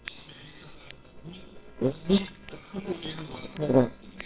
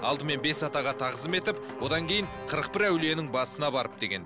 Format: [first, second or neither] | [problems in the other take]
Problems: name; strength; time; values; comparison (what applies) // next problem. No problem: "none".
second | noise reduction (neural separator model SepFormer WHAMR!)